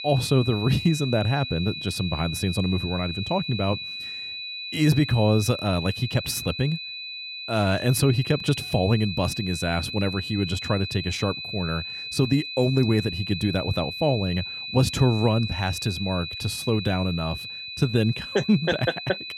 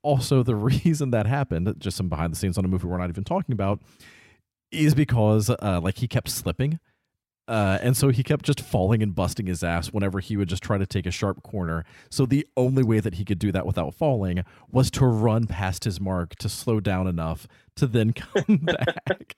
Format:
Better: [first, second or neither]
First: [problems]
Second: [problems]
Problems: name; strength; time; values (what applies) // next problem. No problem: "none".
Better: second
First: high-pitched whine; loud; throughout; 4 kHz, 7 dB below the speech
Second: none